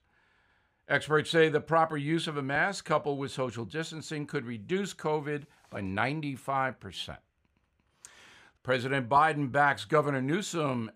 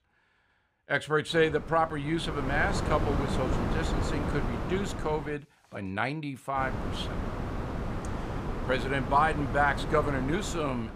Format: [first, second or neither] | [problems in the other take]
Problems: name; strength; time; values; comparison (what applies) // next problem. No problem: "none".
first | wind noise on the microphone; heavy; from 1.5 to 5.5 s and from 6.5 s on; 8 dB below the speech